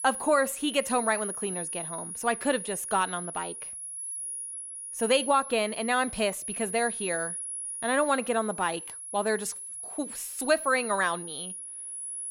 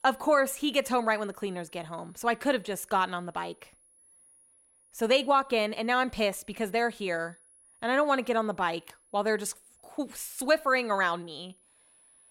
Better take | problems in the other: second | high-pitched whine; loud; throughout; 10.5 kHz, 6 dB below the speech; faint in the second

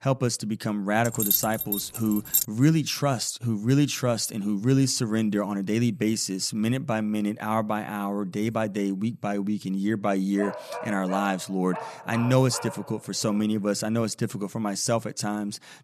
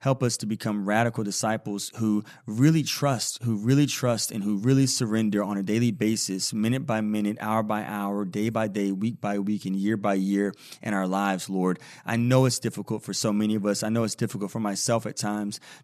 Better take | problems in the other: second | jangling keys; loud; from 1 to 2.5 s; peak 3 dB above the speech // dog barking; noticeable; from 10 to 13 s; peak 8 dB below the speech

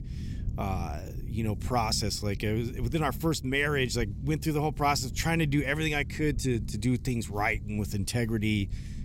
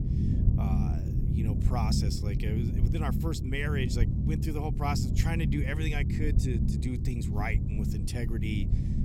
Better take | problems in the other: first | low rumble; loud; throughout; 4 dB below the speech; faint in the first

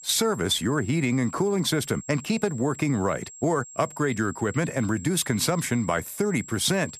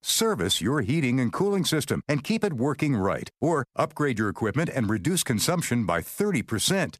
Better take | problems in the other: second | high-pitched whine; noticeable; throughout; 7.5 kHz, 15 dB below the speech

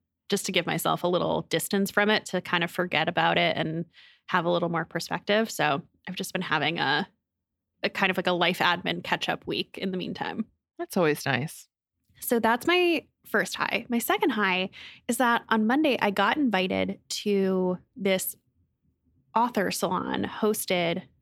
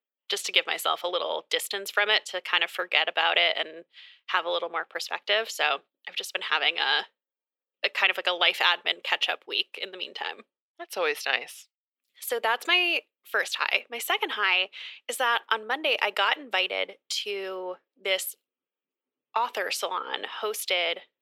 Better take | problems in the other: first | thin; very; fading below 450 Hz

